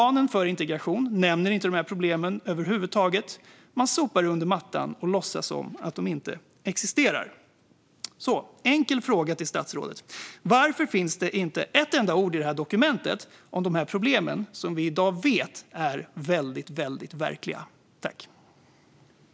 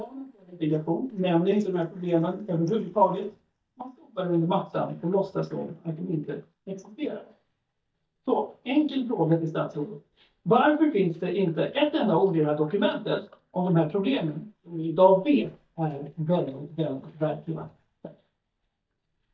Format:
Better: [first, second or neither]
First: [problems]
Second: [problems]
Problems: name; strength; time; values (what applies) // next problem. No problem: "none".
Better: first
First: none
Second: noise reduction (neural mask model DeepFilterNet 3)